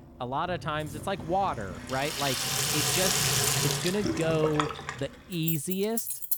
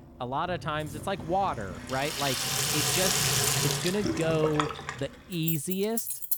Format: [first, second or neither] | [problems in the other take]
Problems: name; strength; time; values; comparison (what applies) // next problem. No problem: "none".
neither | household noises; very loud; throughout; 4 dB above the speech; the same in both